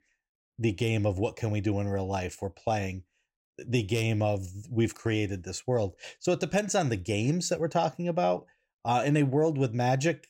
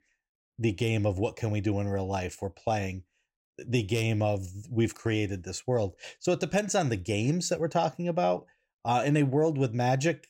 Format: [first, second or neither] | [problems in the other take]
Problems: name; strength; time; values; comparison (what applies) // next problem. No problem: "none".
neither | none